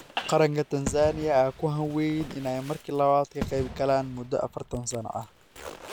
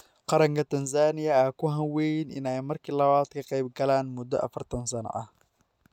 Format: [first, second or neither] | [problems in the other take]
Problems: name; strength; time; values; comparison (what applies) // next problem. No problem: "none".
second | background sound (Zipper (clothing) + Fireworks); 13 dB below the speech